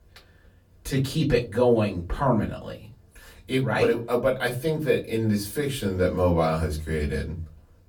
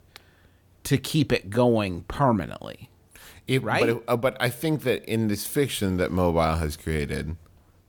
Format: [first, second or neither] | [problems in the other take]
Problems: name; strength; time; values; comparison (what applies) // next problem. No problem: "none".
second | off-mic speech; far // room echo; very slight; dies away in 0.3 s